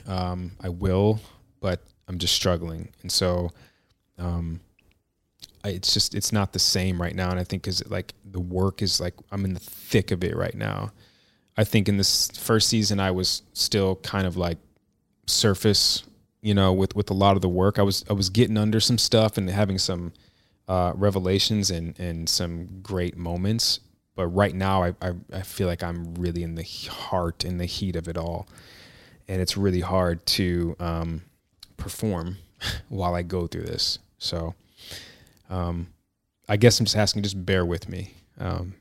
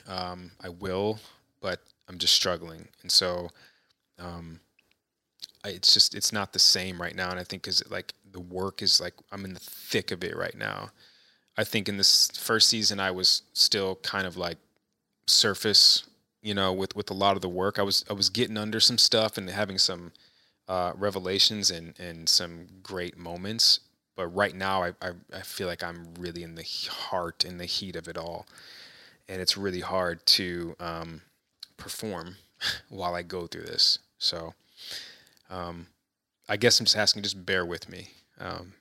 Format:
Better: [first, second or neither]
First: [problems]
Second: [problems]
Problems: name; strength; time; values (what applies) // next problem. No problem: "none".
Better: first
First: none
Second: thin; somewhat; fading below 450 Hz